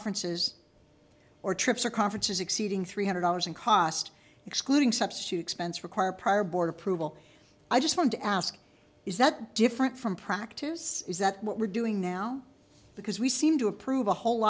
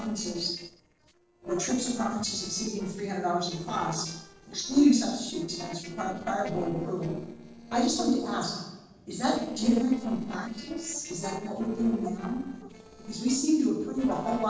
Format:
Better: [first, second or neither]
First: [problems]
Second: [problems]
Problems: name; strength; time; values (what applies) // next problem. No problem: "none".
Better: first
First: none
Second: noise reduction (neural separator model SepFormer DNS4)